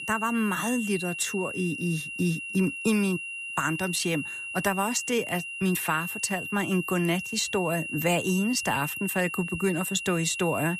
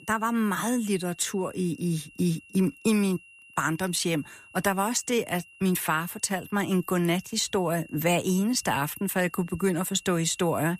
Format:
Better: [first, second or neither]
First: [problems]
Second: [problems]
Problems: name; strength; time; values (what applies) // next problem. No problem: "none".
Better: second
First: high-pitched whine; loud; throughout; 3 kHz, 6 dB below the speech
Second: high-pitched whine; faint; throughout; 3 kHz, 25 dB below the speech